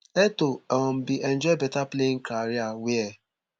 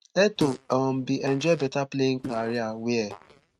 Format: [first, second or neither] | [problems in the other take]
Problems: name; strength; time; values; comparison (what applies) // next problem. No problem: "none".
first | noise reduction (neural mask model RNNoise)